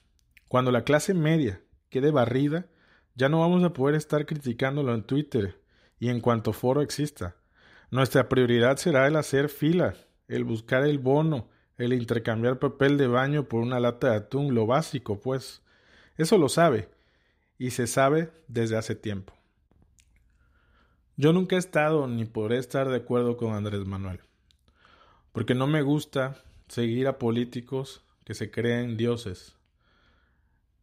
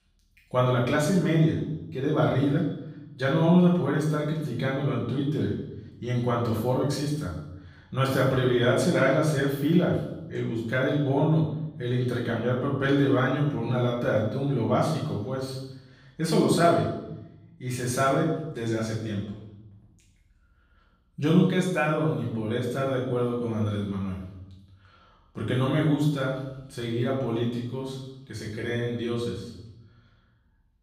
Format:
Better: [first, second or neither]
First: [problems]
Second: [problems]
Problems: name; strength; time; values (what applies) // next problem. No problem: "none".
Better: first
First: none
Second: off-mic speech; far // room echo; noticeable; dies away in 0.8 s